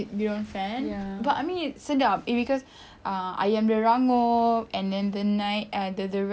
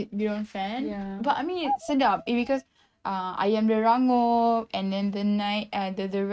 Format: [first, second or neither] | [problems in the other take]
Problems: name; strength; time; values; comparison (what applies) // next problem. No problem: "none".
first | noise reduction (neural mask model RNNoise)